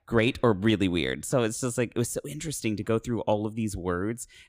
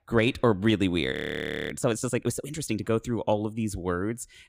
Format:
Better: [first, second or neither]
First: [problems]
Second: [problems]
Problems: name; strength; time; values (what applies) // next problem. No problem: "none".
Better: first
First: none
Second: audio freezing; at 1 s for 0.5 s